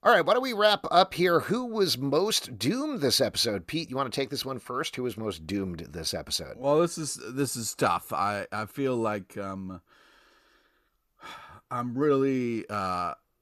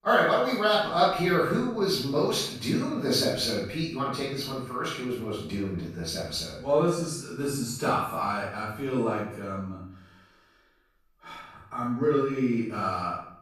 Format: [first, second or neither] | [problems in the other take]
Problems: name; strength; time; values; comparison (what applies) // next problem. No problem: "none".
first | off-mic speech; far // room echo; noticeable; dies away in 0.6 s